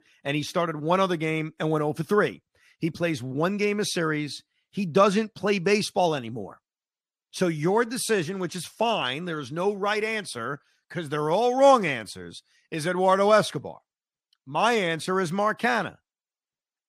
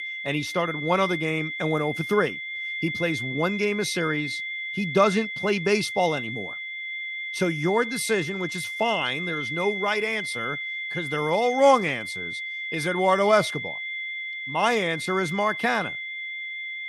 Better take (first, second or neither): first